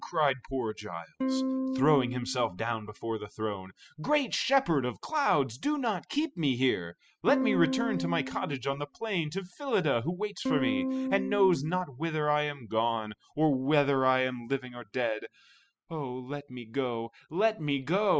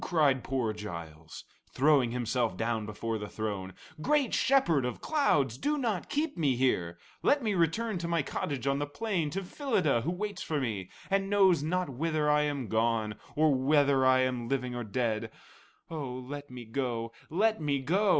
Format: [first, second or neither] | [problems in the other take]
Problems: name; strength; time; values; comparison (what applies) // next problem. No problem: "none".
second | noise reduction (classical method spectral subtraction)